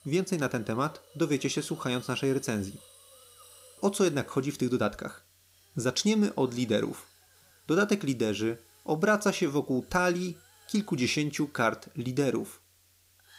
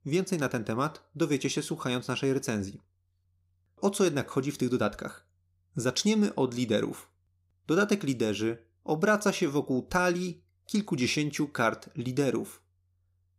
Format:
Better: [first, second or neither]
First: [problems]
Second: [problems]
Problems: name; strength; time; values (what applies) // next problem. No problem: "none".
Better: second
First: hiss; faint; throughout; 25 dB below the speech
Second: none